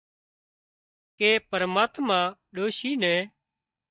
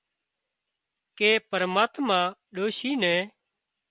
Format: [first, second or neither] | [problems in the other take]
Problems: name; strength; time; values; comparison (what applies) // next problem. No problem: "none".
second | noise reduction (neural mask model DeepFilterNet 3)